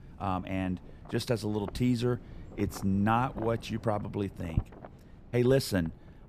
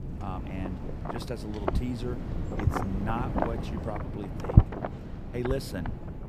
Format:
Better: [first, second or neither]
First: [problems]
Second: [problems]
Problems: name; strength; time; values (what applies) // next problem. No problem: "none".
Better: first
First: wind noise on the microphone; occasional gusts; 20 dB below the speech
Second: wind noise on the microphone; heavy; 2 dB above the speech